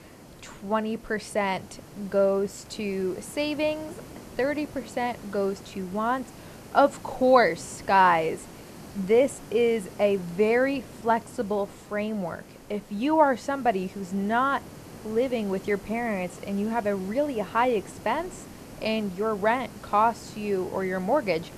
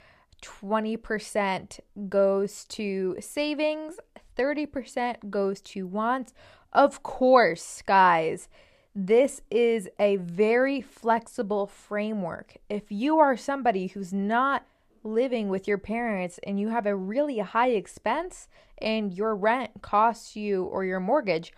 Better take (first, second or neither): second